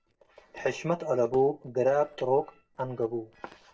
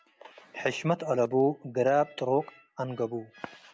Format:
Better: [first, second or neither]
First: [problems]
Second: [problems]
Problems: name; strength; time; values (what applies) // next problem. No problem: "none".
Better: second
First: noise reduction (neural separator model SepFormer DNS4)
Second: none